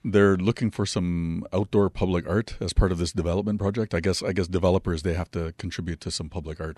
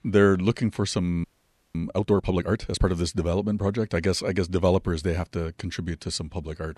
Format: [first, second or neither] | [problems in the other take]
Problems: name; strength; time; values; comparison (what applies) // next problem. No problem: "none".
first | audio freezing; at 1 s for 0.5 s